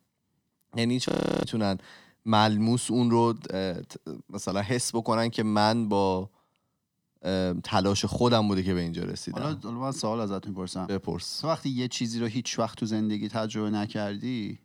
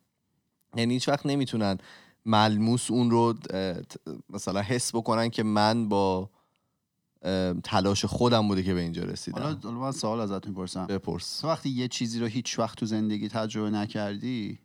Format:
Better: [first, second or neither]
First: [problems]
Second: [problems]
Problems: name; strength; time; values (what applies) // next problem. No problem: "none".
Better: second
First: audio freezing; at 1 s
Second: none